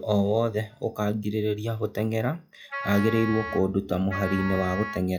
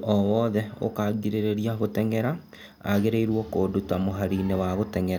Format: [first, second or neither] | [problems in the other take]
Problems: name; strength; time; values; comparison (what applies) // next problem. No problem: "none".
second | noise reduction (classical method log-MMSE)